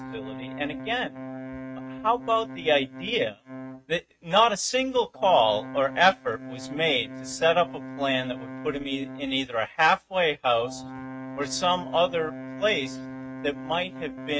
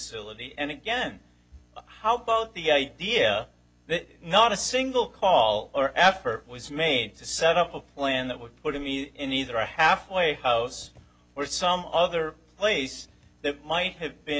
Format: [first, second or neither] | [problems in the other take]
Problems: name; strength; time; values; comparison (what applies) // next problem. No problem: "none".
second | noise reduction (neural mask model RNNoise)